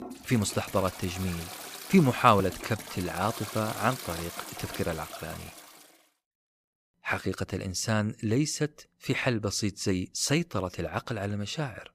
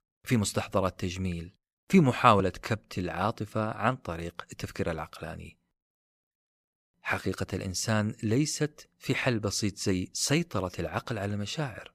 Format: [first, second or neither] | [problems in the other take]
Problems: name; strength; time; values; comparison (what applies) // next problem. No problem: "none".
second | household noises; noticeable; until 5.5 s; 10 dB below the speech